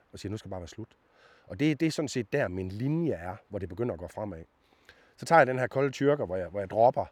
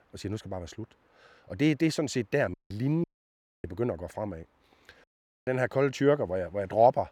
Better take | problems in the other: first | audio cutting out; at 2.5 s, at 3 s for 0.5 s and at 5 s

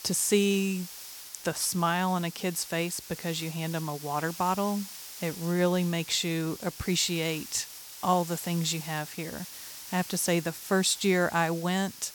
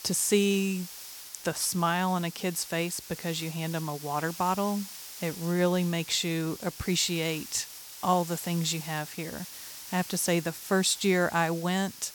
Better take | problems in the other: neither | hiss; noticeable; throughout; 10 dB below the speech; the same in both

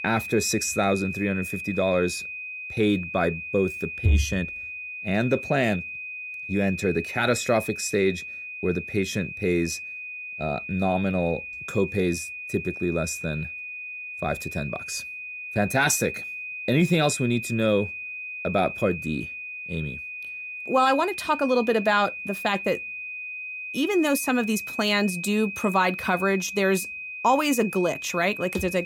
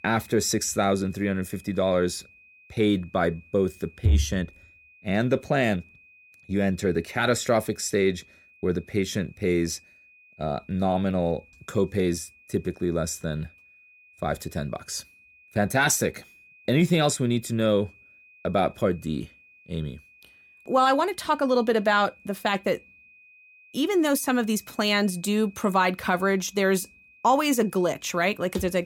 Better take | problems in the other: second | high-pitched whine; loud; throughout; 2.5 kHz, 8 dB below the speech; faint in the second

